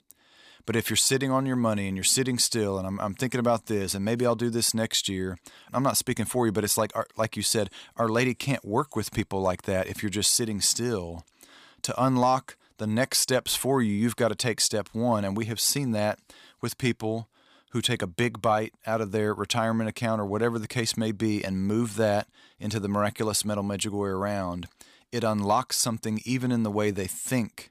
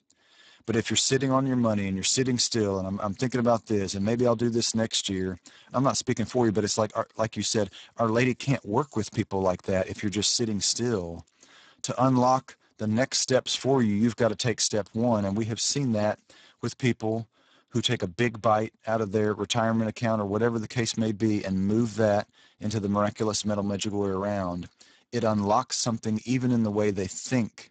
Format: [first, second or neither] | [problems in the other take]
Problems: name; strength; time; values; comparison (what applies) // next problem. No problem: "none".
first | garbled, watery; badly; nothing above 8 kHz